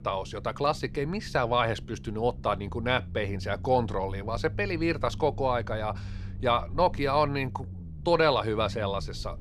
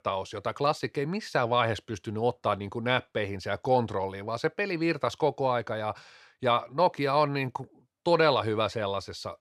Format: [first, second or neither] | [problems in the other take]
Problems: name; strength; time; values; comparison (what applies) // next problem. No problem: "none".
second | low rumble; faint; throughout; 25 dB below the speech